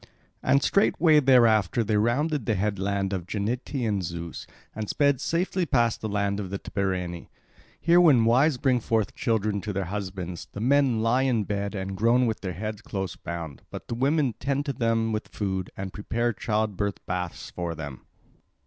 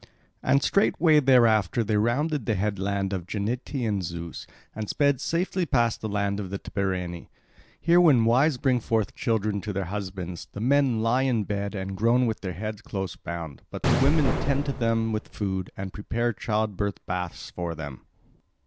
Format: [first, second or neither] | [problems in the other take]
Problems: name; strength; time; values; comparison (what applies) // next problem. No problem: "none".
first | background sound (Explosion); 3 dB below the speech